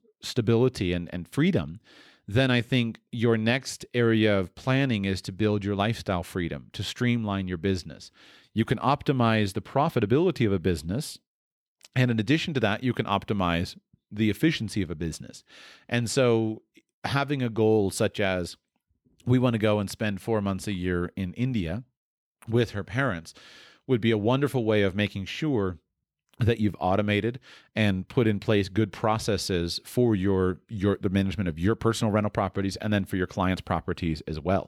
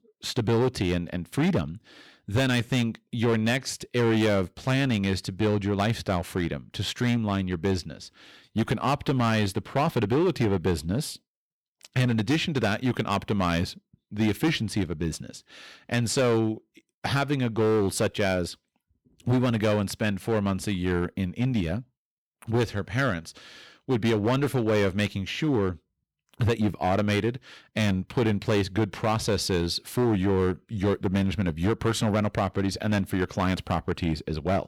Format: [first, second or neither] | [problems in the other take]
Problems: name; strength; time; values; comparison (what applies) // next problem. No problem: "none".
first | distortion; slight; 9% of the sound clipped